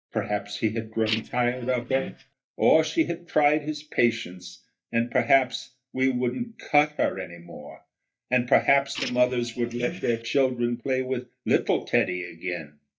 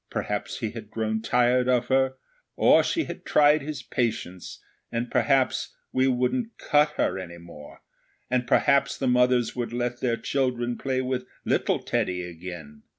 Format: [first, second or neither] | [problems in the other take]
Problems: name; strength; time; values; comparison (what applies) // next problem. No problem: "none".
second | noise reduction (neural mask model DeepFilterNet 3)